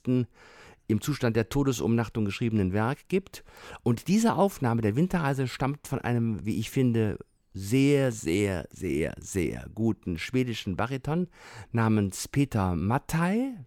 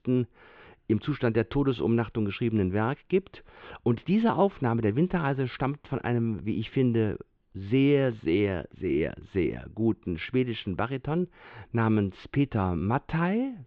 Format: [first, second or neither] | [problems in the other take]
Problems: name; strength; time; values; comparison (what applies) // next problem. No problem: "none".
first | muffled; very; fading above 3.5 kHz